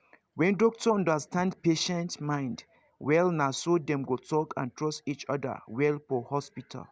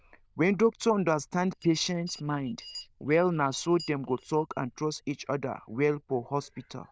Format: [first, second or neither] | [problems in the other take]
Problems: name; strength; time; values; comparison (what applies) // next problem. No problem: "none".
first | noise reduction (neural diffusion model UNIVERSE++)